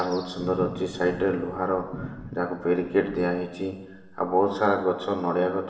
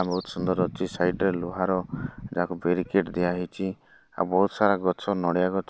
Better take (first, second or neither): second